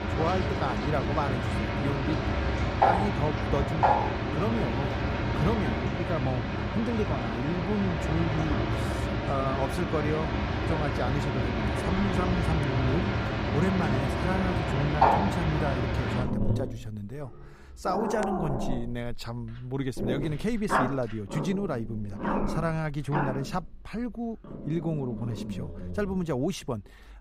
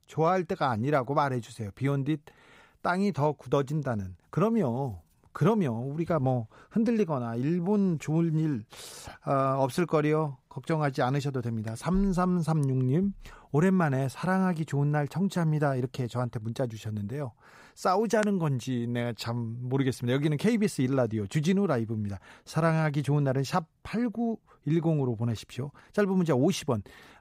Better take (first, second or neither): second